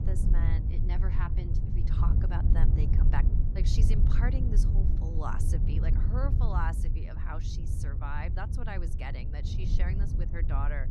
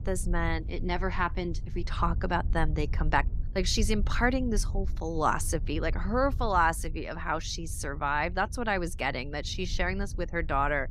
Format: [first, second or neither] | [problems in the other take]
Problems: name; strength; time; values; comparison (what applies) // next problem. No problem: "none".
second | low rumble; loud; throughout; 4 dB below the speech; faint in the second